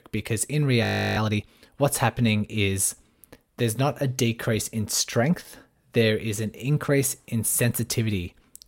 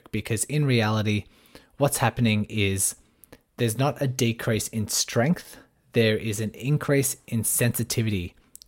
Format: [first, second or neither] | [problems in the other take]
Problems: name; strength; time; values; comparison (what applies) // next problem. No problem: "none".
second | audio freezing; at 1 s